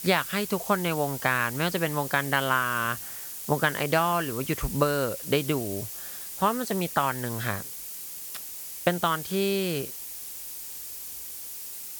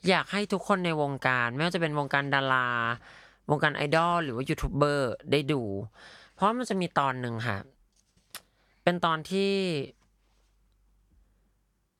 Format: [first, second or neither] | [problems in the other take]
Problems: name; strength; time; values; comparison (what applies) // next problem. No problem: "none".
second | hiss; loud; throughout; 8 dB below the speech